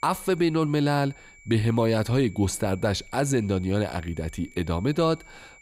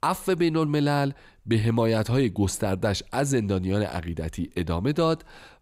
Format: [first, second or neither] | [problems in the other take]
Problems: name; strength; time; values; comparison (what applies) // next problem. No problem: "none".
second | high-pitched whine; faint; throughout; 2.5 kHz, 25 dB below the speech